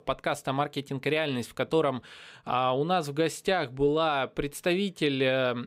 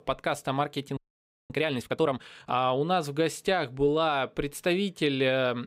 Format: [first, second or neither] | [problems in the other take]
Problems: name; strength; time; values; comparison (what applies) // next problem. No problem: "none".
first | audio freezing; at 1 s for 0.5 s